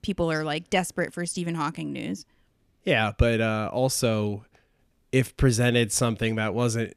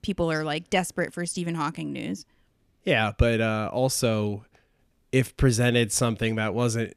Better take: neither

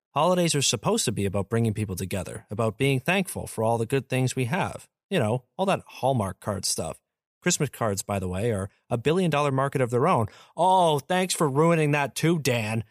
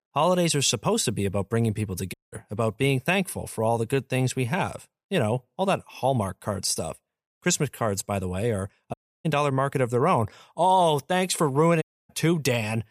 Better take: first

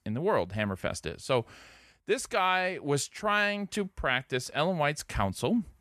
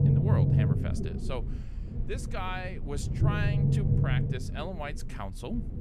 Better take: first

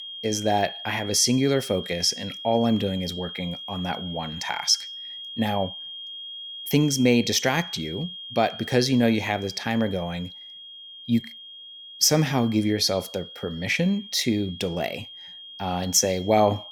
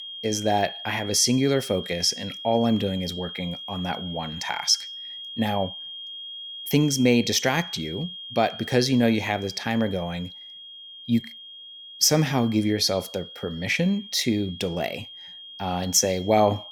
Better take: neither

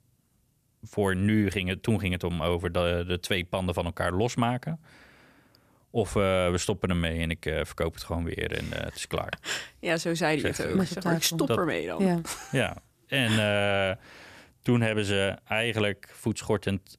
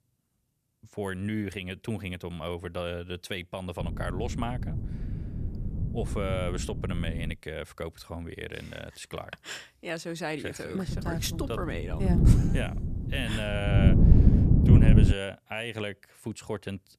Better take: first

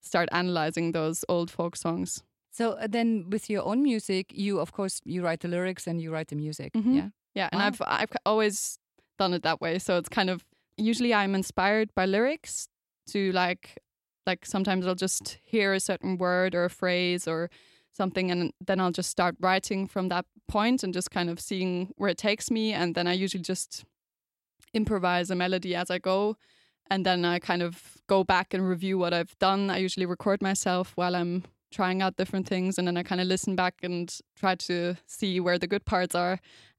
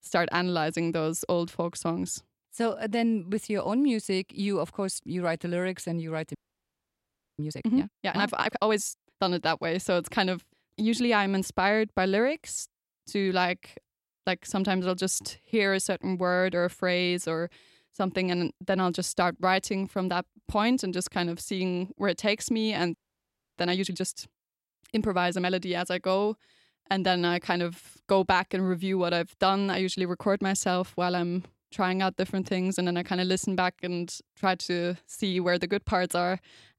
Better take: first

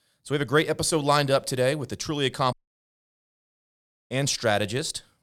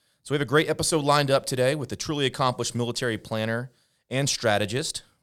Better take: second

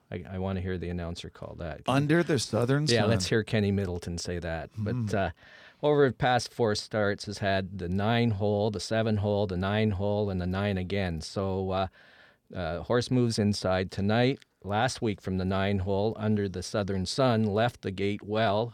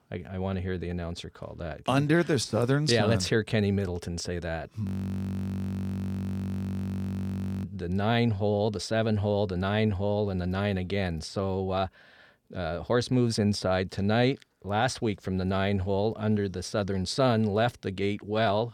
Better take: first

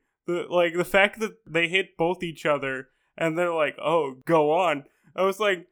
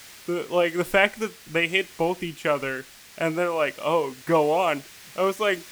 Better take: first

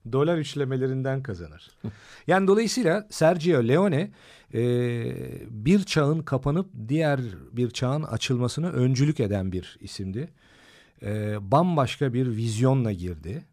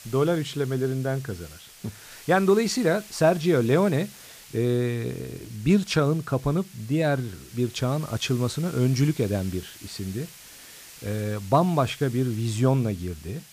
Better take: first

